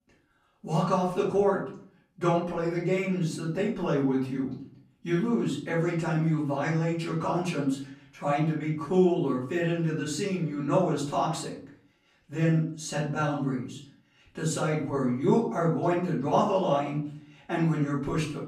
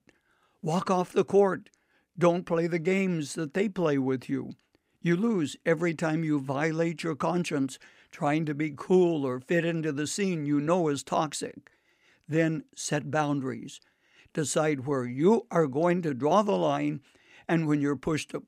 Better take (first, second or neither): second